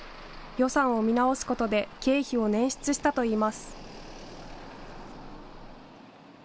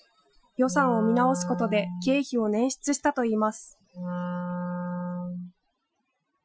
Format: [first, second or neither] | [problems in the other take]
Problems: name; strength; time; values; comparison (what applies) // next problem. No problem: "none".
first | noise reduction (classical method Wiener filter)